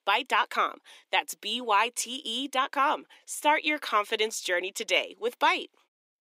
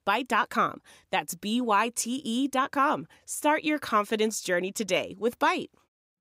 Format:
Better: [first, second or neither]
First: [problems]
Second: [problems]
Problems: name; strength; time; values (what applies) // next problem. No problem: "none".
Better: second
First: thin; somewhat; fading below 300 Hz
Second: none